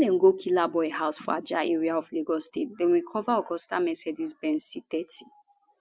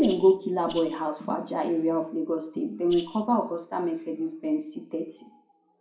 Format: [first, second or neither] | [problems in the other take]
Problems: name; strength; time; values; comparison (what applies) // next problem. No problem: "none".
first | background sound (Rattle (instrument)); 17 dB below the speech // room echo; dies away in 0.5 s